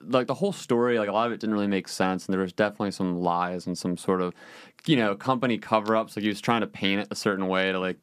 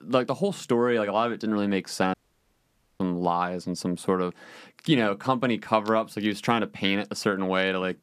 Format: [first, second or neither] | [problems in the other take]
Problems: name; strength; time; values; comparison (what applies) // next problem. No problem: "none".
first | audio cutting out; at 2 s for 1 s